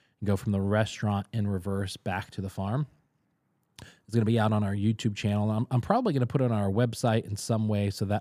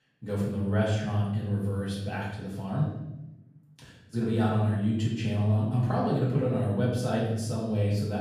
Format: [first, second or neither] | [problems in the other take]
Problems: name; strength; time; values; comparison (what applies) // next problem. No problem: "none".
first | room echo; noticeable; dies away in 0.9 s // off-mic speech; far